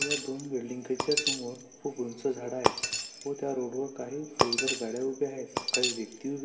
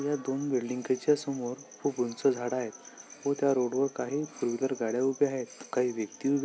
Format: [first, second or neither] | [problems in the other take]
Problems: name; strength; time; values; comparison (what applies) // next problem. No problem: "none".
second | background sound (Shatter); as loud as the speech // room echo; dies away in 1.6 s